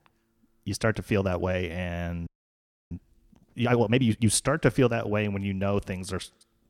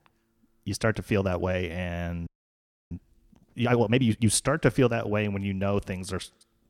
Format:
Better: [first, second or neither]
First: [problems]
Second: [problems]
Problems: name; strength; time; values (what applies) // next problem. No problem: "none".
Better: neither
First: audio freezing; at 2.5 s for 0.5 s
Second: audio freezing; at 2.5 s for 0.5 s